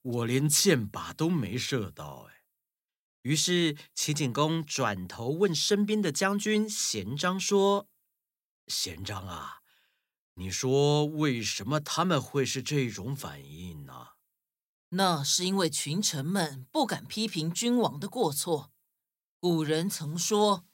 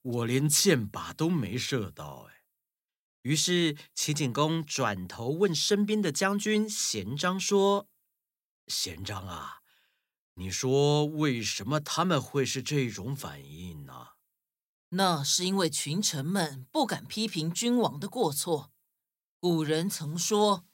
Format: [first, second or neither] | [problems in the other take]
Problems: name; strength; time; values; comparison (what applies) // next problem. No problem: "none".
neither | none